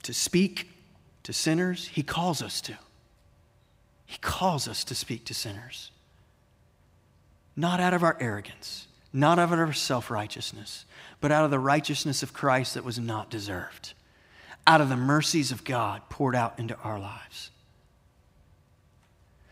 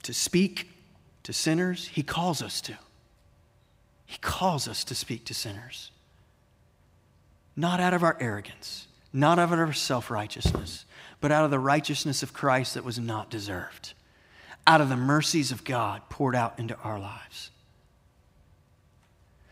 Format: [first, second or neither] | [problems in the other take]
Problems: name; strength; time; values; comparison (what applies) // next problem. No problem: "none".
first | footsteps; noticeable; at 10 s; peak 3 dB below the speech